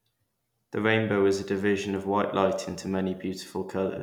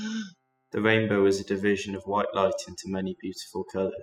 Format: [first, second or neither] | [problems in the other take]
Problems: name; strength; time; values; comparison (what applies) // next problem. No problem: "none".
first | noise reduction (classical method spectral subtraction)